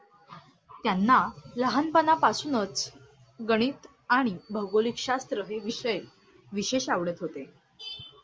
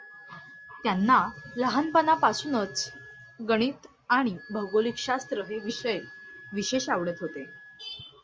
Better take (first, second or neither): first